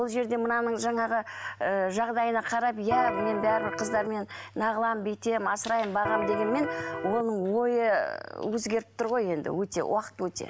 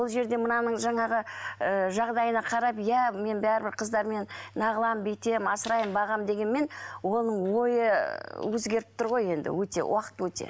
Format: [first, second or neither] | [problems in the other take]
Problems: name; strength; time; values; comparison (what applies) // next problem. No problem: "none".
second | background sound (Electric guitar); 4 dB below the speech